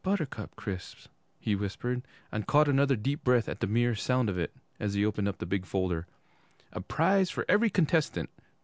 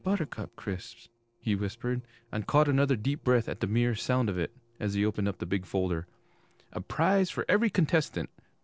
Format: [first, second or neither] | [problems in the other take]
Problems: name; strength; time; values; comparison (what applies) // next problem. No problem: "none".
first | noise reduction (neural separator model SepFormer DNS4)